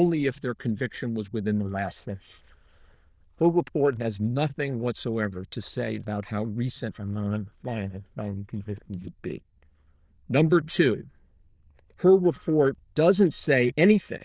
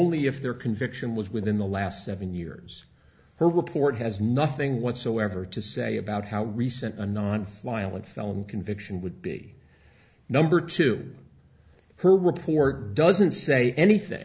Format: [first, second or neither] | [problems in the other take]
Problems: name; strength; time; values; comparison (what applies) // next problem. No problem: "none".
second | noise reduction (neural diffusion model UNIVERSE++)